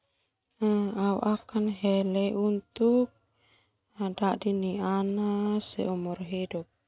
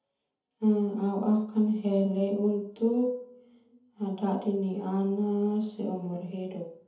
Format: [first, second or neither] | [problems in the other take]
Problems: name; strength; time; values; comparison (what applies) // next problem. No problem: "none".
first | room echo; dies away in 0.6 s